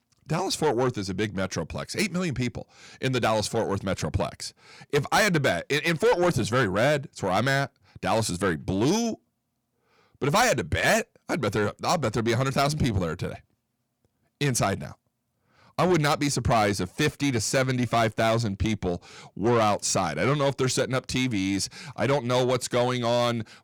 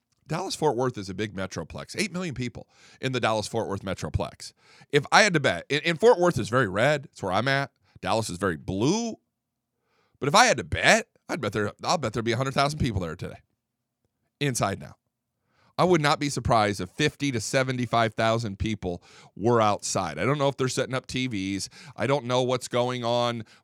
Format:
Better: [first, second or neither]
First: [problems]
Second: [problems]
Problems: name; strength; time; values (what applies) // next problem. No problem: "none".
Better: second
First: distortion; heavy; 8 dB below the speech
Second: none